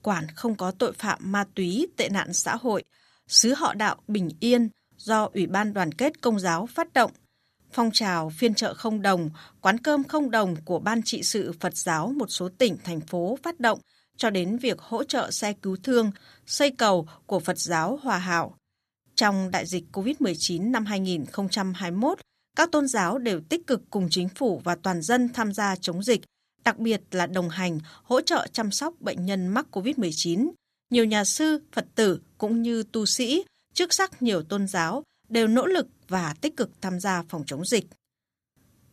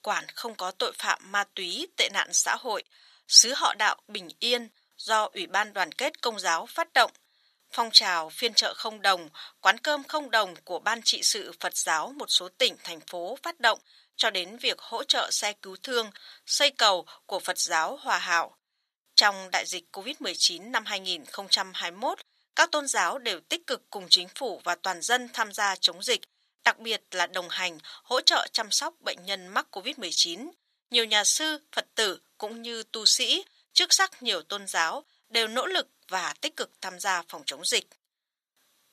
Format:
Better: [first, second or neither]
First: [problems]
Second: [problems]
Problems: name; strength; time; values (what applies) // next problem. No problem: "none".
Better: first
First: none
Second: thin; very; fading below 700 Hz